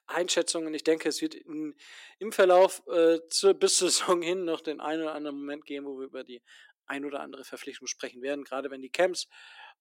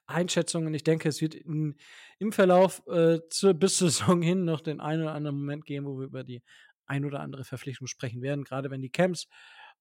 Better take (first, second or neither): second